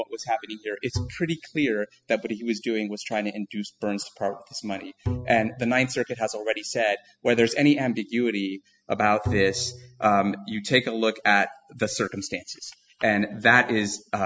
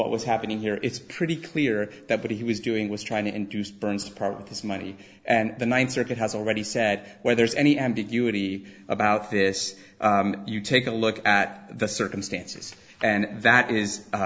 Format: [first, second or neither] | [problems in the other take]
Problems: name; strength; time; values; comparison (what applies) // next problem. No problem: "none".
second | noise reduction (classical method spectral subtraction)